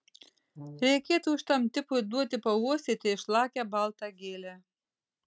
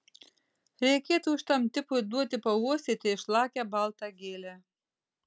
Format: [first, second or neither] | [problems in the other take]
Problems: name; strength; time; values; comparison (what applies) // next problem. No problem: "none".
second | noise reduction (neural mask model RNNoise)